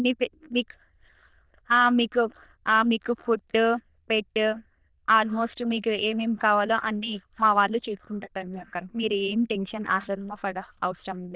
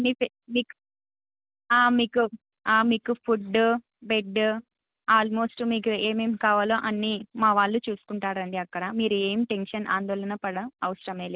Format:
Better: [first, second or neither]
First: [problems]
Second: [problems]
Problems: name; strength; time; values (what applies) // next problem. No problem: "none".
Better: second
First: noise reduction (neural diffusion model UNIVERSE++)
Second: none